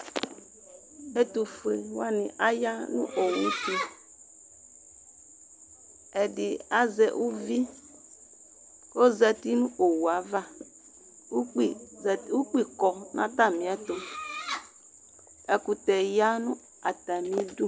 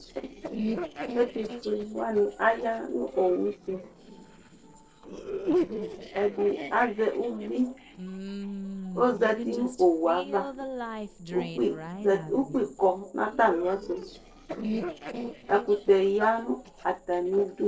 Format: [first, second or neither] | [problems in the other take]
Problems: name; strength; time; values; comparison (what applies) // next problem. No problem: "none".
first | noise reduction (neural separator model SepFormer DNS4)